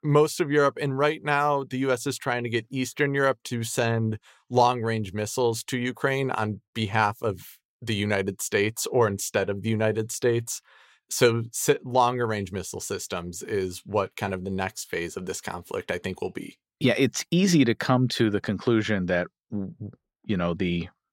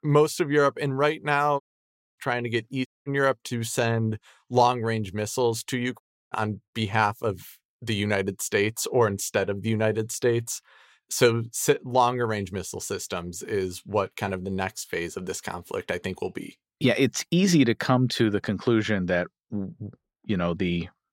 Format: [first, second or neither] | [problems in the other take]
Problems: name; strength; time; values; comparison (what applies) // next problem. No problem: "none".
first | audio cutting out; at 1.5 s for 0.5 s, at 3 s and at 6 s